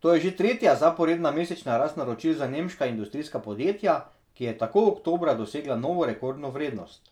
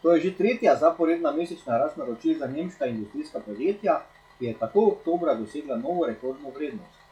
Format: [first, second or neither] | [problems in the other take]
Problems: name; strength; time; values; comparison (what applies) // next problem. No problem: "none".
first | noise reduction (classical method log-MMSE)